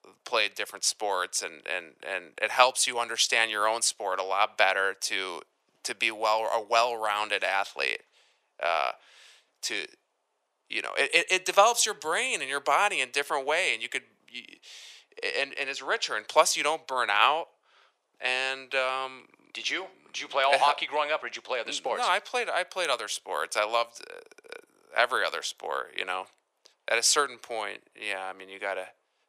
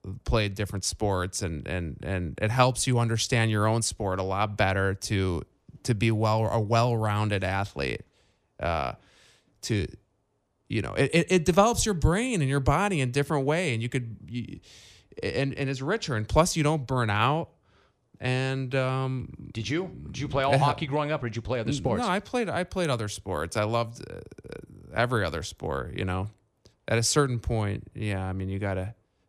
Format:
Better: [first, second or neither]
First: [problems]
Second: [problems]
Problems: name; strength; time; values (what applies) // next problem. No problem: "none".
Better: second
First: thin; very; fading below 600 Hz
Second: none